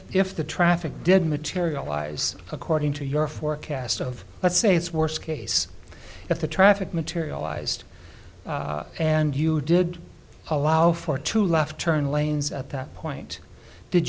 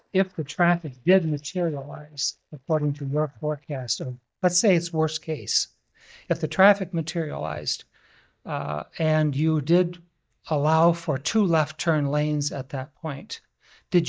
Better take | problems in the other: first | noise reduction (neural mask model DeepFilterNet 3)

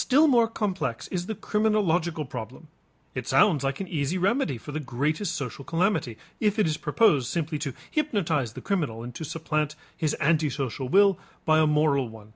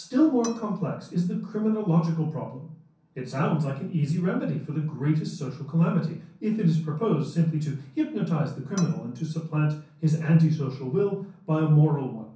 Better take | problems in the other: first | background sound (Cutlery, silverware / Dishes, pots, and pans); 18 dB below the speech // room echo; dies away in 0.6 s

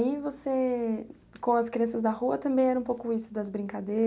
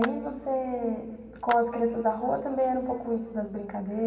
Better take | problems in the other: first | background sound (Clapping); 14 dB below the speech // room echo; dies away in 2 s

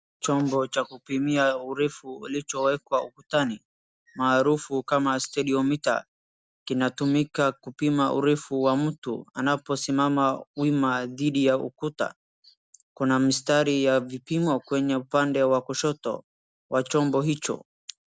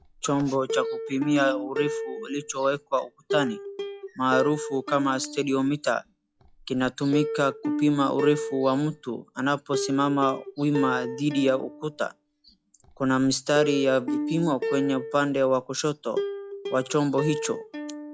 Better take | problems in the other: first | noise reduction (classical method log-MMSE)

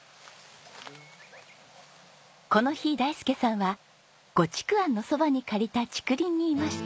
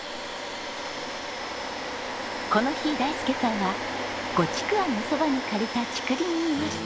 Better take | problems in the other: first | background sound (Domestic sounds, home sounds); 3 dB below the speech

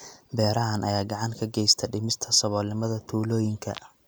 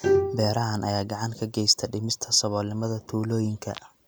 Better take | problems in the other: first | background sound (Bowed string instrument); 3 dB below the speech

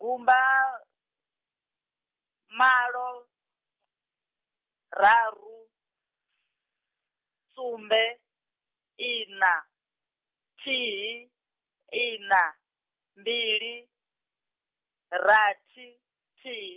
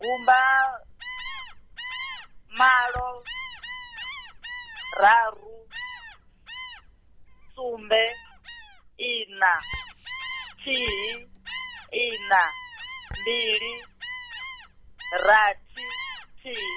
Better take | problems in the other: first | background sound (Gull, seagull); 11 dB below the speech

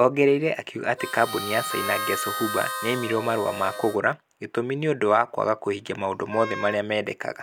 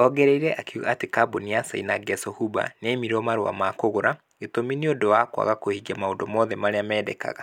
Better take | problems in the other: second | background sound (Harmonica + Wind instrument, woodwind instrument); 8 dB below the speech

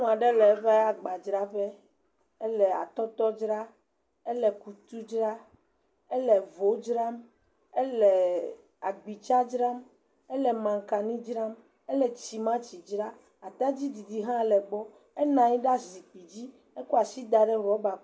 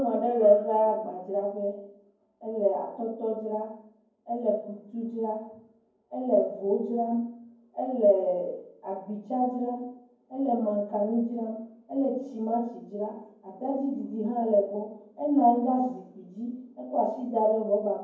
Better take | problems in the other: first | room echo; dies away in 0.9 s

